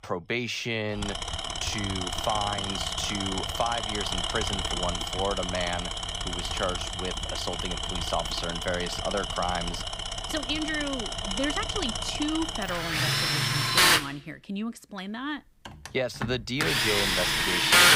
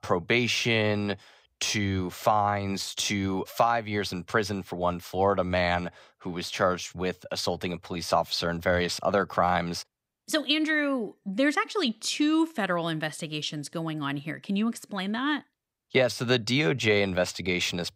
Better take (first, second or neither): second